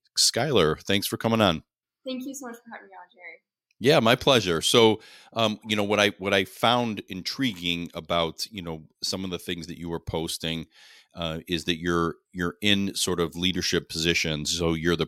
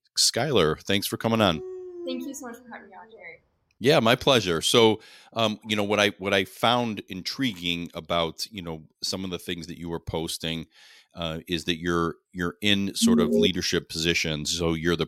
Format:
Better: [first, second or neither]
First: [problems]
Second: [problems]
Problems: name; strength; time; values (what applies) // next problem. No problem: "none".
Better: first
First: none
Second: dog barking; faint; from 1 to 3.5 s; peak 15 dB below the speech // alarm; loud; at 13 s; peak 4 dB above the speech